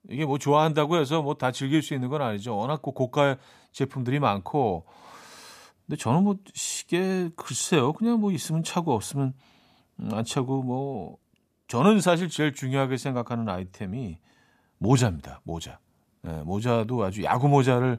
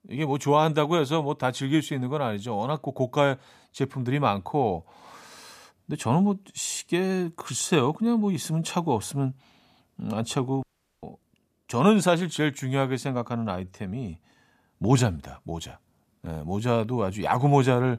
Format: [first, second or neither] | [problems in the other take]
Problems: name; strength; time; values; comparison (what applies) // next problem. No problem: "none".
first | audio cutting out; at 11 s